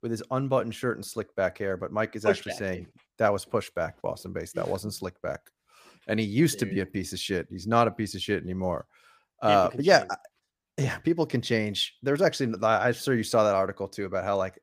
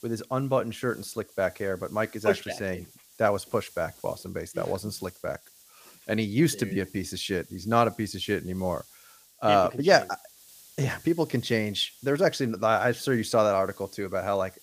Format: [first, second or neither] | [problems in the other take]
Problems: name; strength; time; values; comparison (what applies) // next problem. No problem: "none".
first | hiss; faint; throughout; 25 dB below the speech